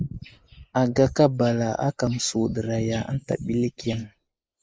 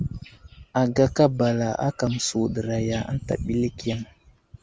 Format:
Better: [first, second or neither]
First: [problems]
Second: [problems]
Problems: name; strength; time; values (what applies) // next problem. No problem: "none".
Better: second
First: noise reduction (neural mask model Resemble Enhance denoiser)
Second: none